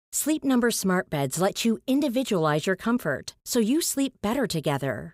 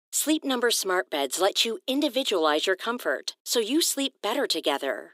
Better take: first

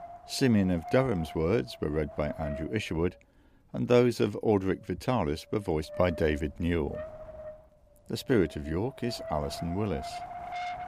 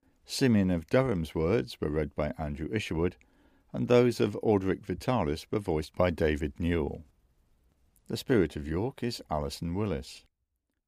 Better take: second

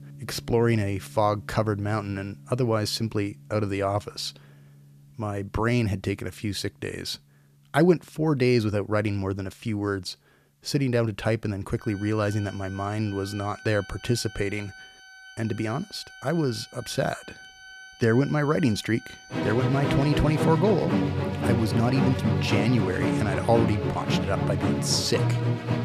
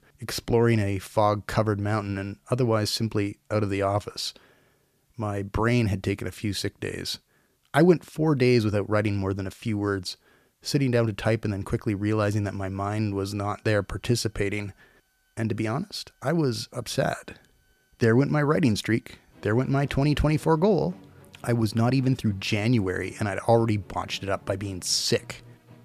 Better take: second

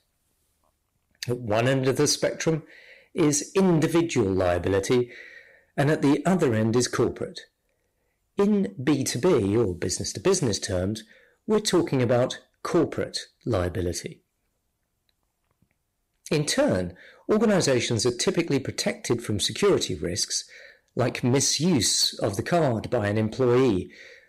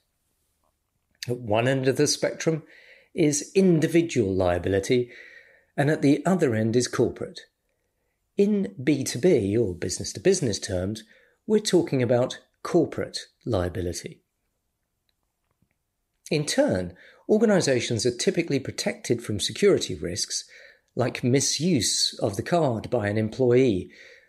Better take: second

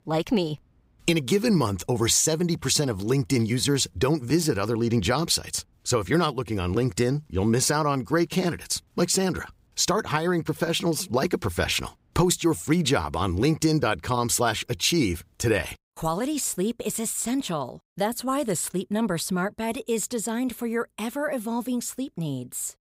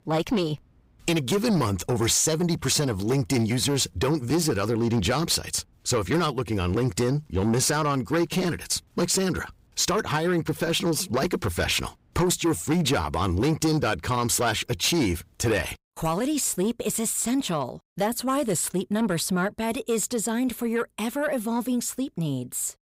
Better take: first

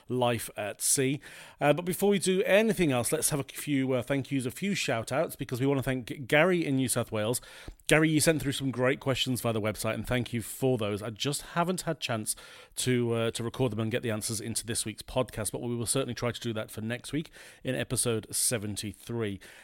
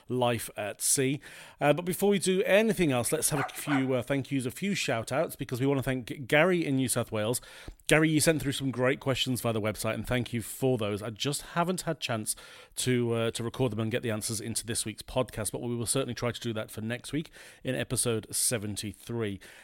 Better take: first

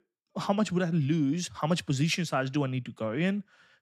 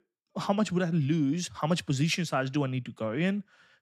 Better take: neither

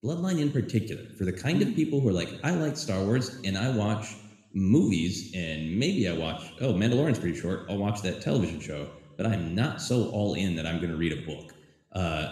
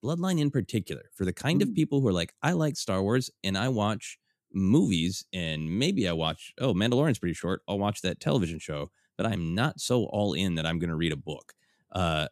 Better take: second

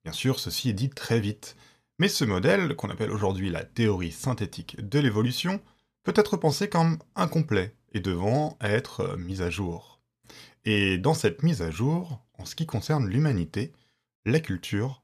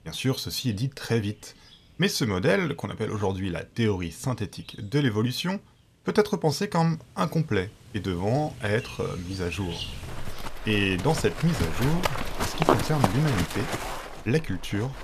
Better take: first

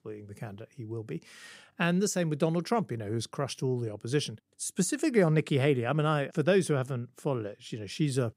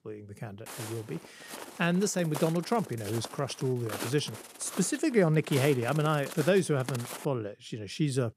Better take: first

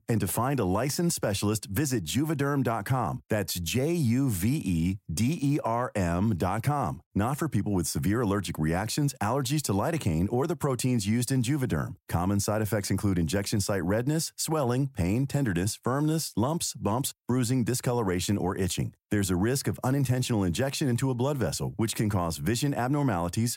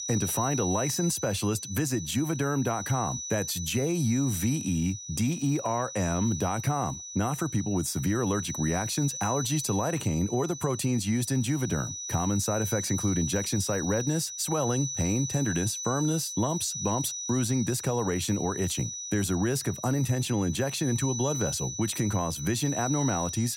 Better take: first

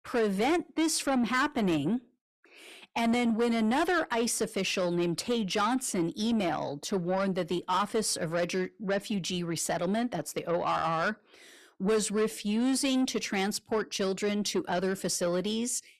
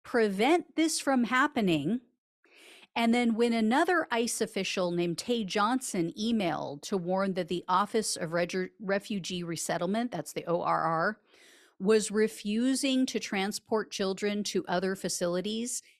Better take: second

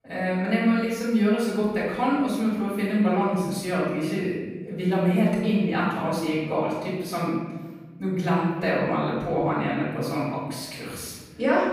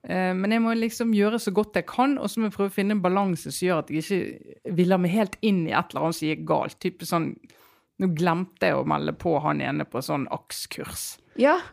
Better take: second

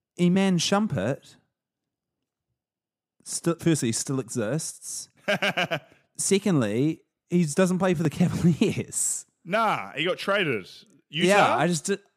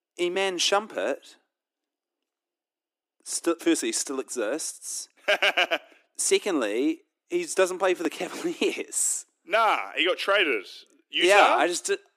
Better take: first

